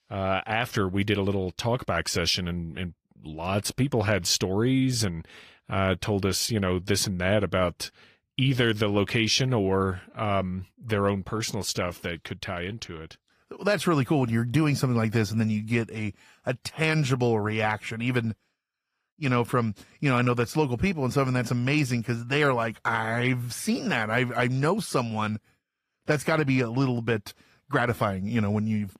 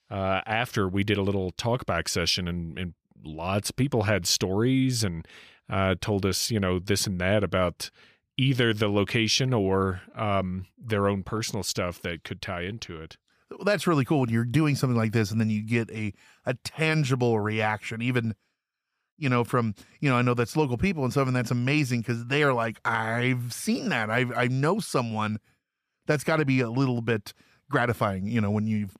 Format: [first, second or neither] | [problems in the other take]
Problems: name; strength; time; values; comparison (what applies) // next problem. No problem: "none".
second | garbled, watery; slightly; nothing above 14.5 kHz